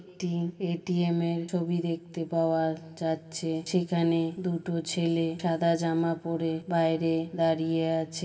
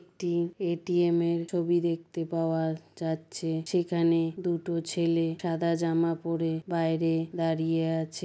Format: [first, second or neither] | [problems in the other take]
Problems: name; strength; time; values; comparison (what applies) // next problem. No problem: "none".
second | room echo; dies away in 2.8 s